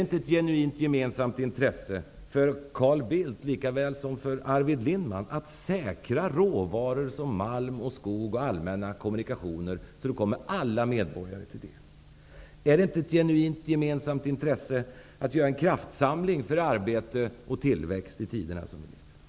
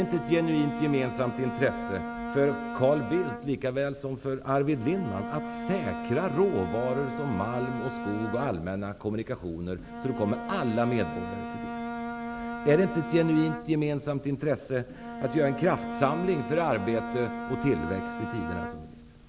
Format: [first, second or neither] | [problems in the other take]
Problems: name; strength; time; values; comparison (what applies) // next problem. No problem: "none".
first | background sound (Bowed string instrument); 7 dB below the speech